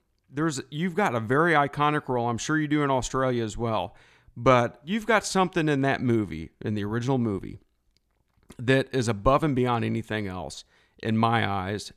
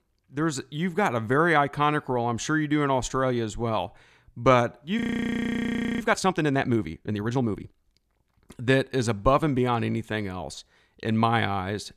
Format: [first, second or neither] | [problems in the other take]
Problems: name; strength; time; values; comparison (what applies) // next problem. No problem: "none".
first | audio freezing; at 5 s for 1 s